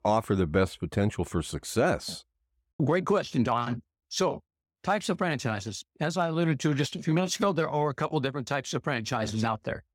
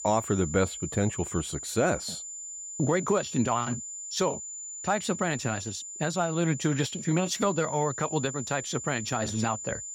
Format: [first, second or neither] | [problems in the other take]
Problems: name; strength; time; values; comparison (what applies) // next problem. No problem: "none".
first | high-pitched whine; loud; throughout; 7 kHz, 7 dB below the speech